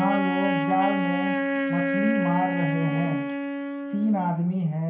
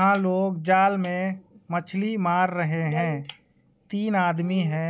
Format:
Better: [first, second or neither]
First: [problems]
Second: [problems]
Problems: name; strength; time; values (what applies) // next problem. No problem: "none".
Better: second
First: background sound (Wind instrument, woodwind instrument); 1 dB below the speech // room echo; dies away in 0.5 s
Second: none